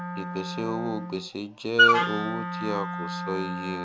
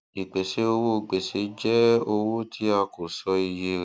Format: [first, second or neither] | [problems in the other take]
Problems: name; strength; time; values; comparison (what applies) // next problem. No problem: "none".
second | background sound (Wind instrument, woodwind instrument); 4 dB above the speech